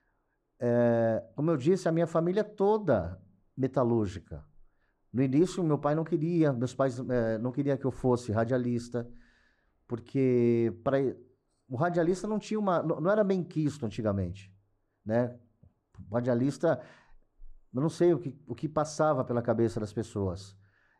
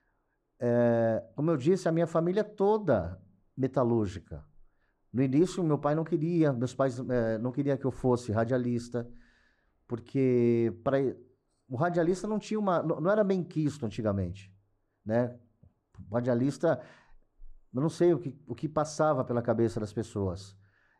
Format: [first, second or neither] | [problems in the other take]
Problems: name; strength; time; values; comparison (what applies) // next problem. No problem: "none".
neither | muffled; slightly; fading above 2 kHz; the same in both